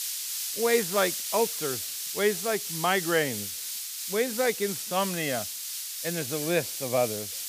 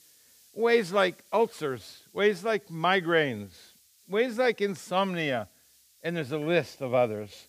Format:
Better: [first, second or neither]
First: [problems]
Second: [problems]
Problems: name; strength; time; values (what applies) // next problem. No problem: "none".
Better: second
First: hiss; loud; throughout; 3 dB below the speech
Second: hiss; faint; throughout; 30 dB below the speech